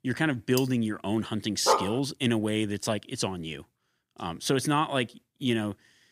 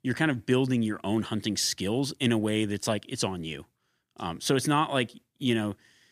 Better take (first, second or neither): second